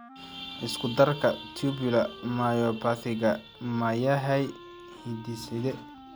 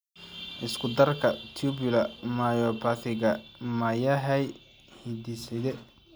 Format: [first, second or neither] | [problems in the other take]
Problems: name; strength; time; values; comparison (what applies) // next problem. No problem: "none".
second | background sound (Wind instrument, woodwind instrument); 19 dB below the speech